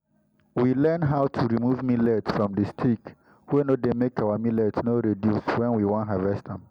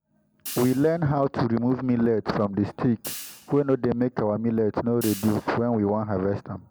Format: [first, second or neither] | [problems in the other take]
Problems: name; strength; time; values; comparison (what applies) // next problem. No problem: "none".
first | background sound (Hi-hat); 18 dB below the speech